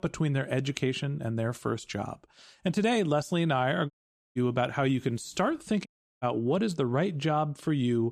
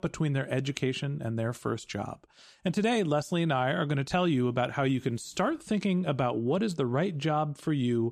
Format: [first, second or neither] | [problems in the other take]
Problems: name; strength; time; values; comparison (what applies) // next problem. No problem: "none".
second | audio cutting out; at 4 s and at 6 s